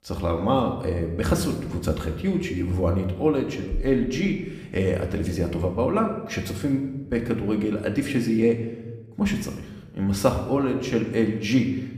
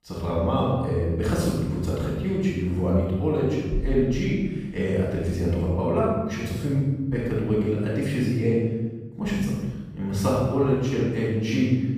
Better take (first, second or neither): first